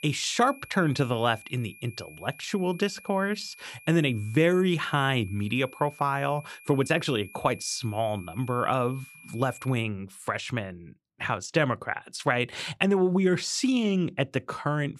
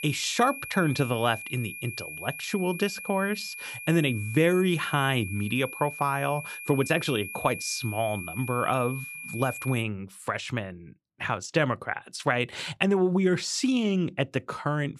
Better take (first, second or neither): first